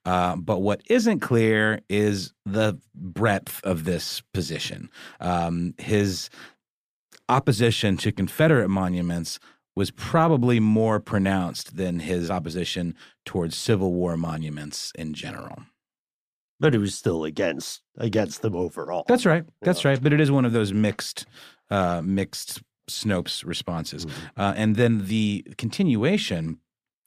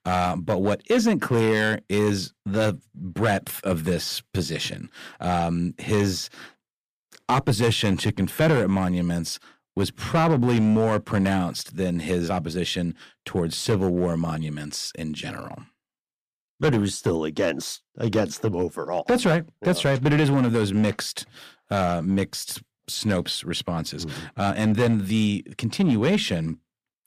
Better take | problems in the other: first | distortion; slight; 4% of the sound clipped

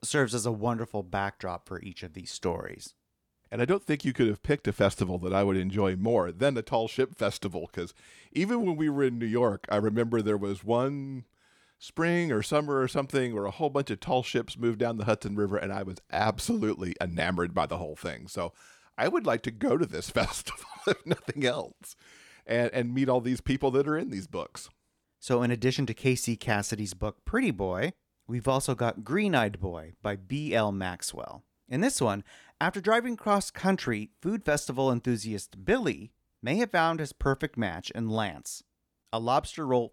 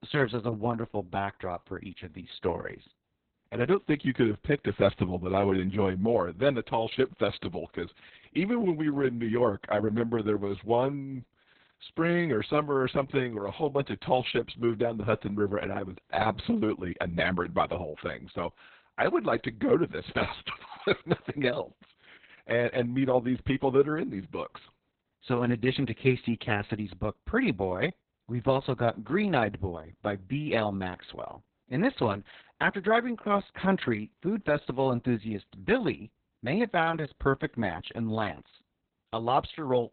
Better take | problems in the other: first | garbled, watery; badly; nothing above 4 kHz

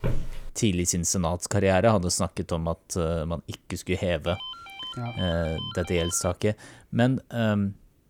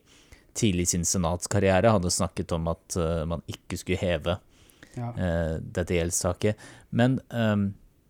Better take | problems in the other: second | footsteps; noticeable; at the start; peak 6 dB below the speech // phone ringing; noticeable; from 4.5 to 6.5 s; peak 9 dB below the speech

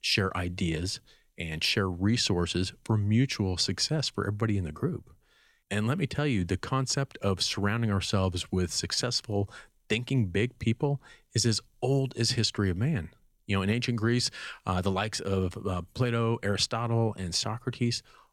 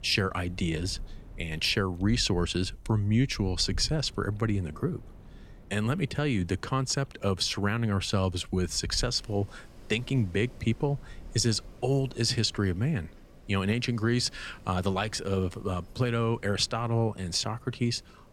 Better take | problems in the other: first | wind in the background; noticeable; throughout; 20 dB below the speech

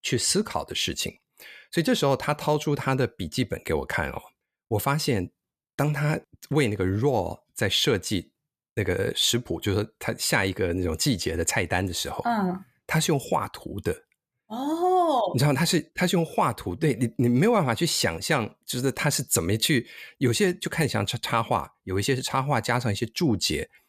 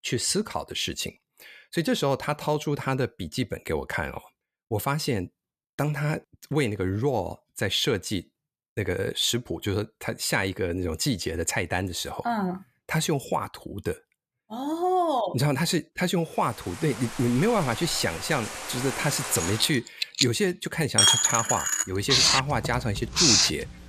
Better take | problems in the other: first | household noises; very loud; from 17 s on; 5 dB above the speech

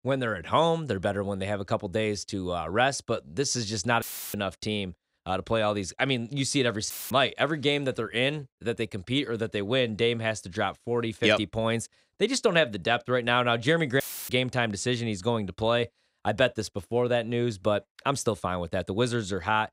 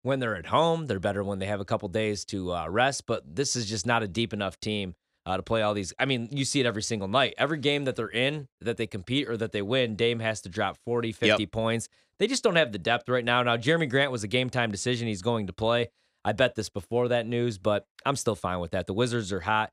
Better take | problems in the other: second | audio cutting out; filled with static; at 4 s, at 7 s and at 14 s

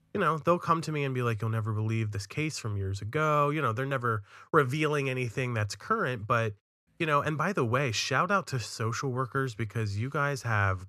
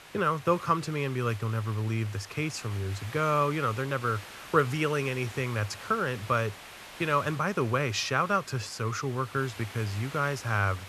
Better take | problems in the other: first | hiss; noticeable; throughout; 15 dB below the speech

